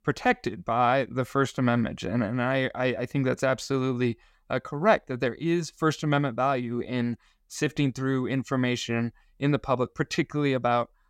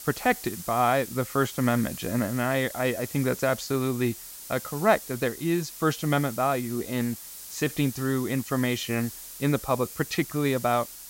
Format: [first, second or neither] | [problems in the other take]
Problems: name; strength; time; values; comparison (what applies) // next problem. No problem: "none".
first | hiss; noticeable; throughout; 10 dB below the speech